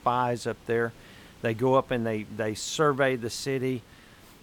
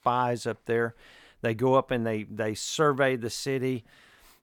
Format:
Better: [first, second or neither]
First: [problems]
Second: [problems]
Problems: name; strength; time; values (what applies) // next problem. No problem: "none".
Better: second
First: hiss; faint; throughout; 25 dB below the speech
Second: none